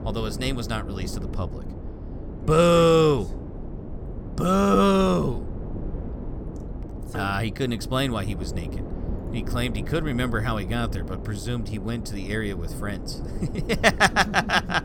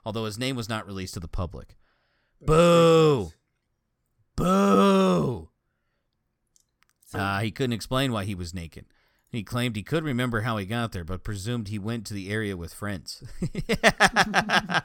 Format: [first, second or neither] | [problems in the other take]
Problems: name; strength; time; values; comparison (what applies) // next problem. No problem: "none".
second | wind noise on the microphone; occasional gusts; 20 dB below the speech